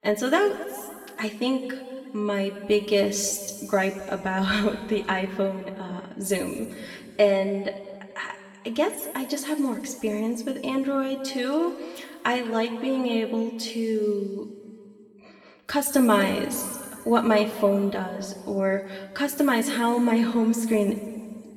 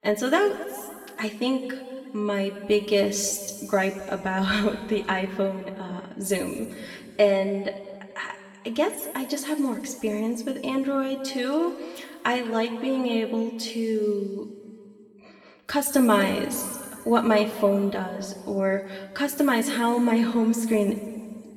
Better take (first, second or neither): neither